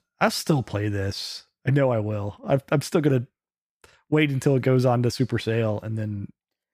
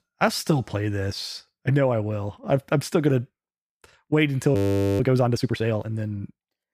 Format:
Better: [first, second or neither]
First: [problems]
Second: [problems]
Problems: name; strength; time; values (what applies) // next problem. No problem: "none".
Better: first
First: none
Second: audio freezing; at 4.5 s